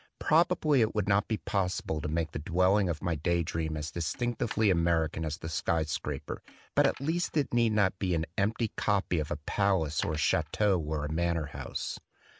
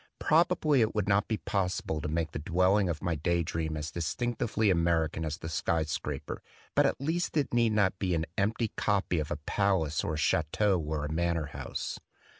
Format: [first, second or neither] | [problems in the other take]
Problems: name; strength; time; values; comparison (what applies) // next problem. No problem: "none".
second | background sound (Coin (dropping)); 20 dB below the speech